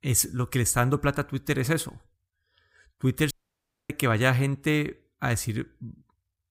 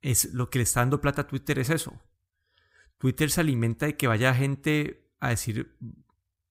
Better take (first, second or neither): second